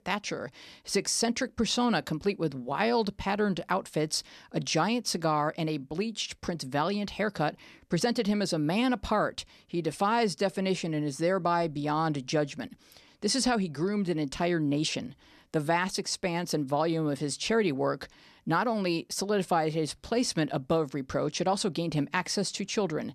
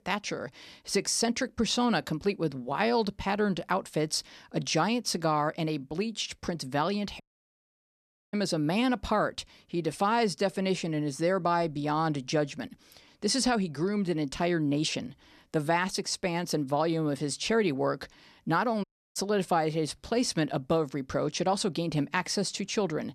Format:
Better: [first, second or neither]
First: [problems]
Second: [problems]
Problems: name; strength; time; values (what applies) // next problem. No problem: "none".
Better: first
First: none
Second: audio cutting out; at 7 s for 1 s and at 19 s